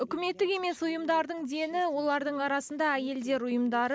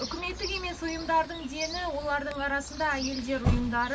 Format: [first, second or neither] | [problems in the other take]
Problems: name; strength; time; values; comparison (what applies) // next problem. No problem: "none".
first | background sound (Chirp, tweet); 4 dB below the speech // room echo; dies away in 0.2 s